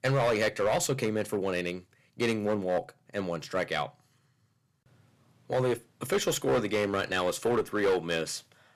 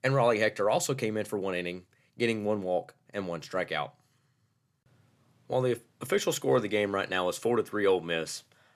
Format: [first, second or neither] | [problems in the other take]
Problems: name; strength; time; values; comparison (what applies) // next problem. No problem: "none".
second | distortion; slight; 8% of the sound clipped